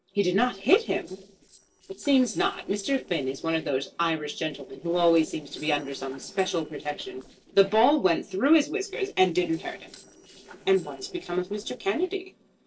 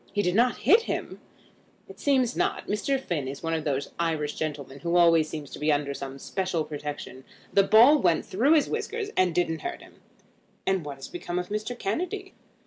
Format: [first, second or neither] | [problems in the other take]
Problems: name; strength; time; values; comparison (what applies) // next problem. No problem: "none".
second | noise reduction (neural separator model SepFormer DNS4)